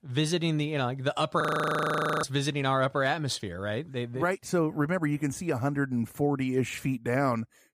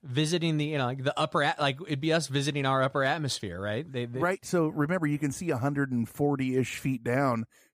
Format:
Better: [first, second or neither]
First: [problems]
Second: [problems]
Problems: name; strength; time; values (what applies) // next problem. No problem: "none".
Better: second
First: audio freezing; at 1.5 s for 1 s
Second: none